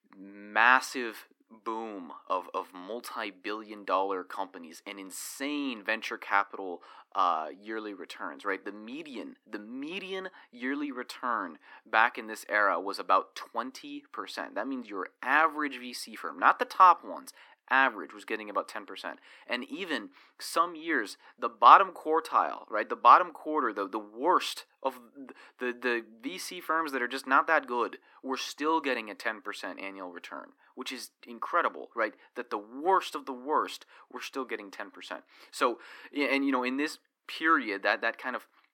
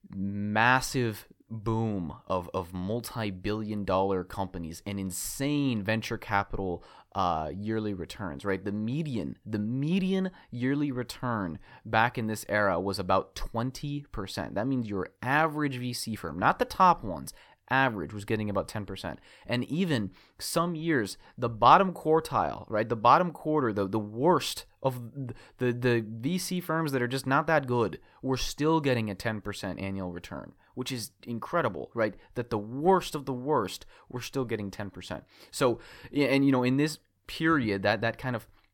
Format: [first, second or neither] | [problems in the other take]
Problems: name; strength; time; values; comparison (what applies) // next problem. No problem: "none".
second | thin; somewhat; fading below 250 Hz